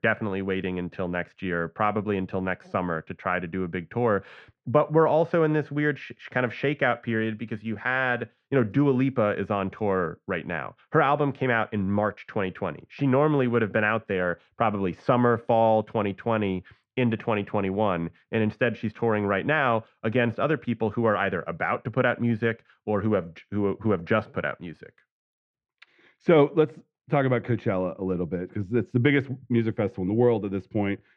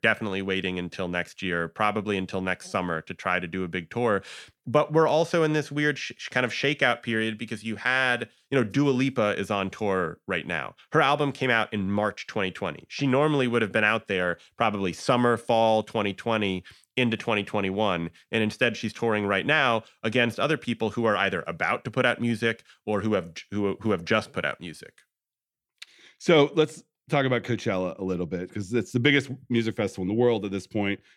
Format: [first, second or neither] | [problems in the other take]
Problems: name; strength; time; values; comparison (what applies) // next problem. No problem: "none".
second | muffled; very; fading above 1.5 kHz